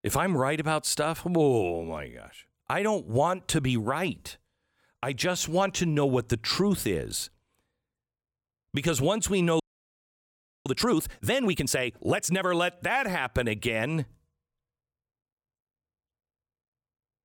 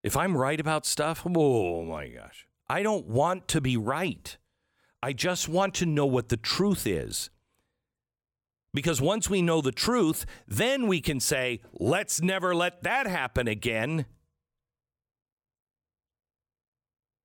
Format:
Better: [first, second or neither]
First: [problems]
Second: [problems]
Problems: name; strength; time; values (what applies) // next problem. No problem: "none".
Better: second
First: audio freezing; at 9.5 s for 1 s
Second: none